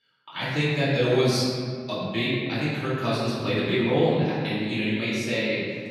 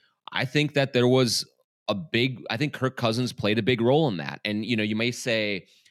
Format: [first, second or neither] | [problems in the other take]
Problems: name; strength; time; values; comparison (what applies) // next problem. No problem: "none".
second | off-mic speech; far // room echo; strong; dies away in 1.8 s